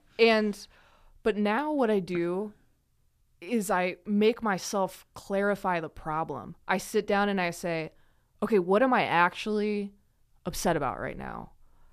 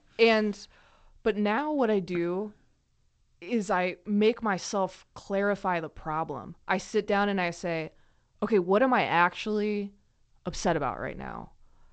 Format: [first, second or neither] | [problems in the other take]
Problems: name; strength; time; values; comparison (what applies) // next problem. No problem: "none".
first | garbled, watery; slightly; nothing above 8 kHz